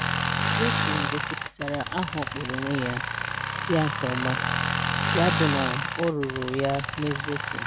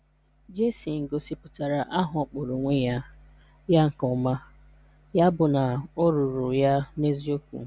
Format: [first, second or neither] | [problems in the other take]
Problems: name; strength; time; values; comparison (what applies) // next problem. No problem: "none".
second | background sound (Tools); 1 dB above the speech